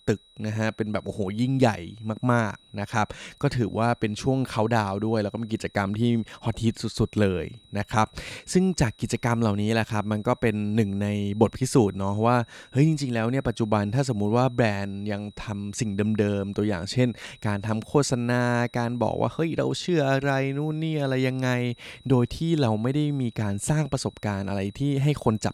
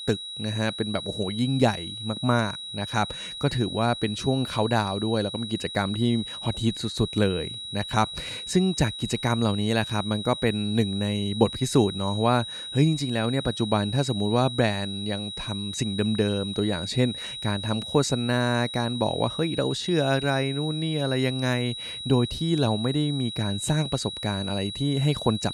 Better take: first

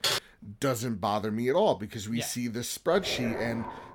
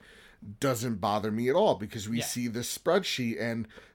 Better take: second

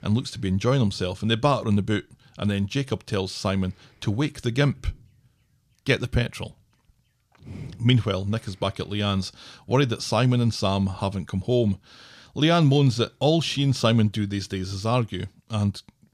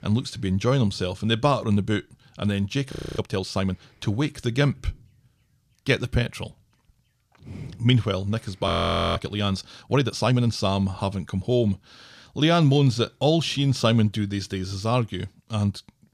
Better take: first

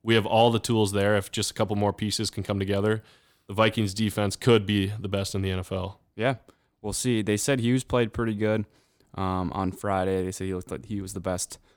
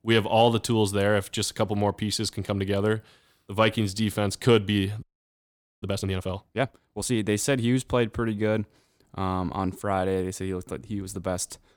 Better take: first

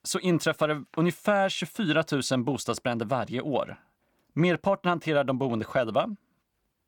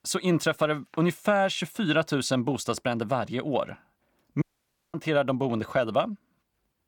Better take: first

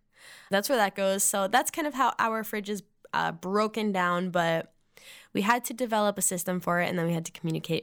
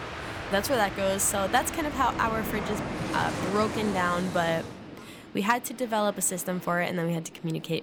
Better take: first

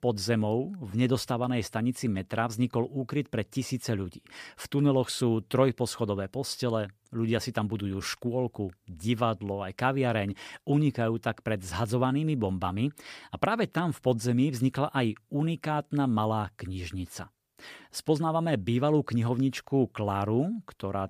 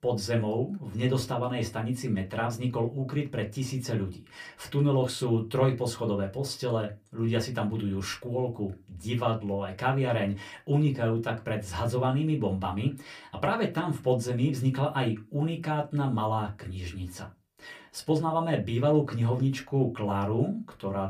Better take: first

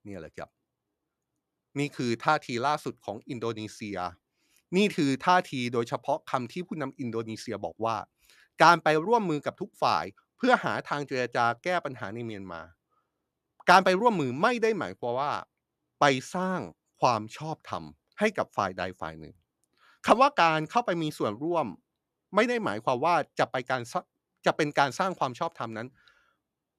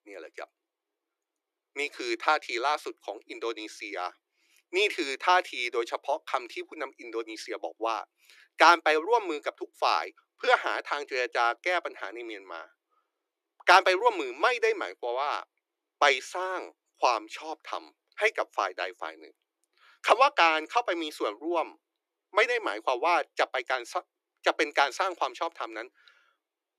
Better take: first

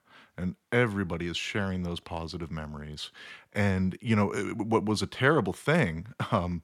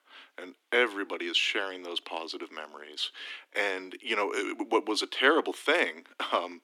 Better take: first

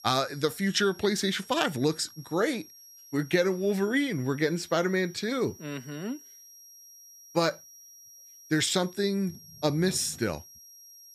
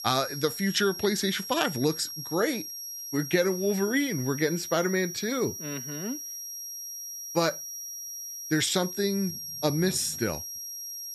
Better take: first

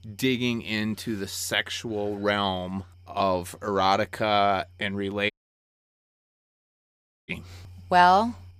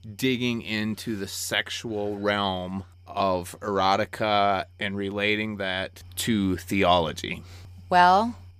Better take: second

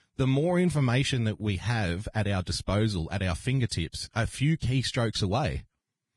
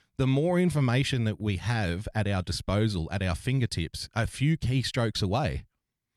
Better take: second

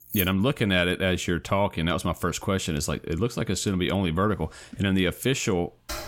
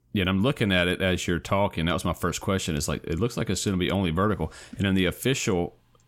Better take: second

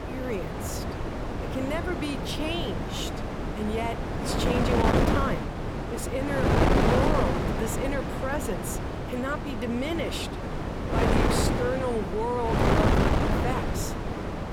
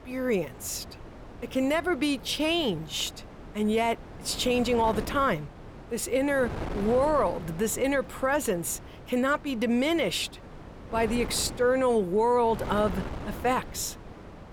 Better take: second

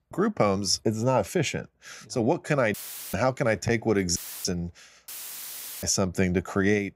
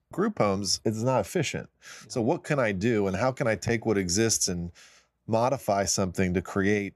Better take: second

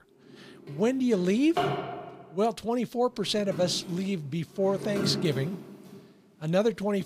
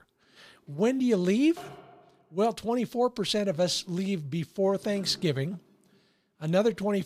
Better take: second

